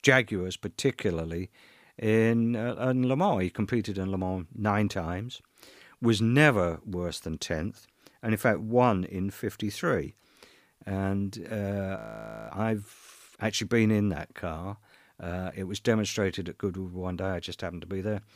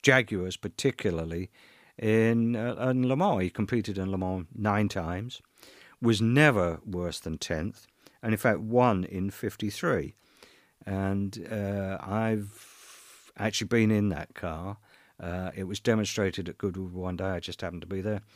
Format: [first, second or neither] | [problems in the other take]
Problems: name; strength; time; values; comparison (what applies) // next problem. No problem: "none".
second | audio freezing; at 12 s for 0.5 s